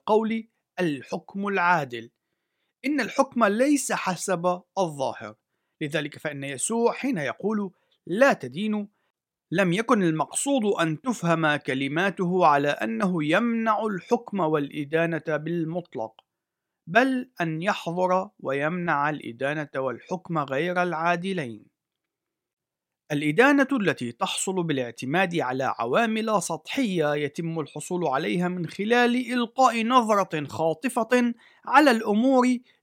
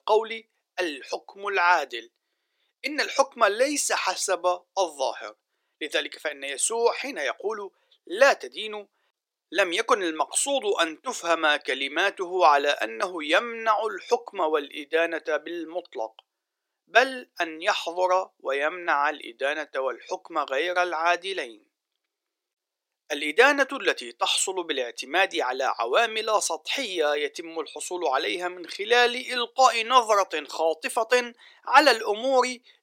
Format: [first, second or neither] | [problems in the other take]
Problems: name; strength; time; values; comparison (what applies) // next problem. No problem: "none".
first | thin; very; fading below 350 Hz